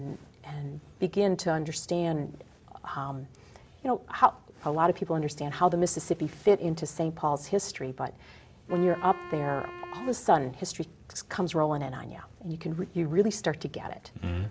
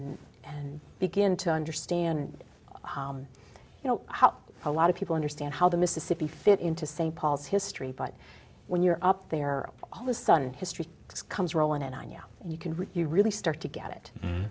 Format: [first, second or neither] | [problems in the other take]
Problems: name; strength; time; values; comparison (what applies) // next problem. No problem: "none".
second | background sound (Wind instrument, woodwind instrument); 15 dB below the speech